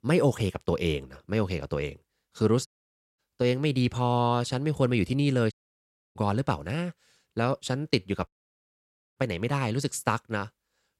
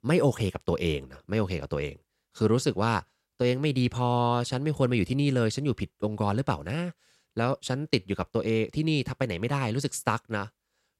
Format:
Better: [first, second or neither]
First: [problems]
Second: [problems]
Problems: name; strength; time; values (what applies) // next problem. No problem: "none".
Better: second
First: audio cutting out; at 2.5 s for 0.5 s, at 5.5 s for 0.5 s and at 8.5 s for 1 s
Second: none